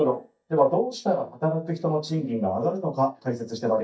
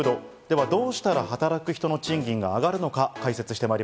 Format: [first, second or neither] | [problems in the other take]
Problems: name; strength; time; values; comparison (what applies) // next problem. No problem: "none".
second | noise reduction (neural mask model DeepFilterNet 3)